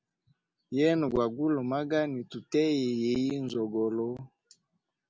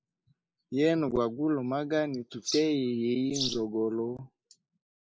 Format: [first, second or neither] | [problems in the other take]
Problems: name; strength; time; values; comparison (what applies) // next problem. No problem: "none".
first | noise reduction (neural mask model Resemble Enhance denoiser)